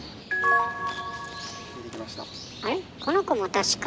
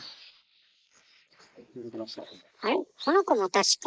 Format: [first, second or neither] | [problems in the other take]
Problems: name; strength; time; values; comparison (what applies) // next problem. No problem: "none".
first | noise reduction (neural mask model Resemble Enhance denoiser)